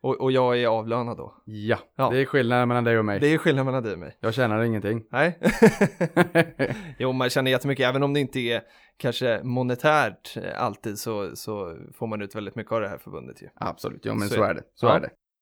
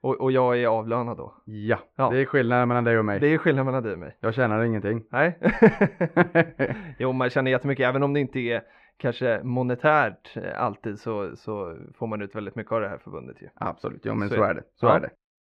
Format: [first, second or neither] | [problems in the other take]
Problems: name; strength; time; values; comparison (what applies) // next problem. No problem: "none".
first | muffled; very; fading above 2 kHz